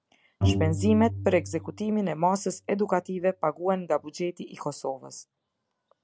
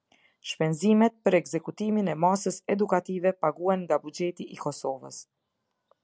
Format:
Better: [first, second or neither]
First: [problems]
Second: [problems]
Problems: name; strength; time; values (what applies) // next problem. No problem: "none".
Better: second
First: background sound (Bowed string instrument); 4 dB below the speech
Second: none